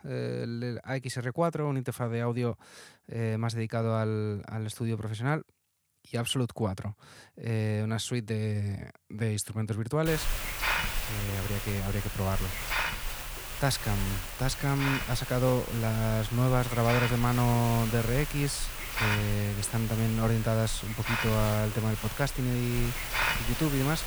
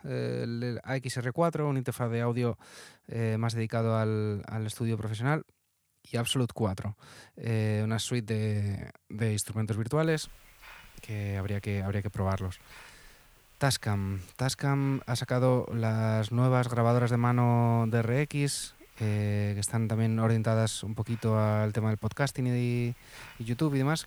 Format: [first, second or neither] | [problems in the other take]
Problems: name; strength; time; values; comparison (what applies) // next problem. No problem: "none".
second | hiss; loud; from 10 s on; 3 dB below the speech; faint in the second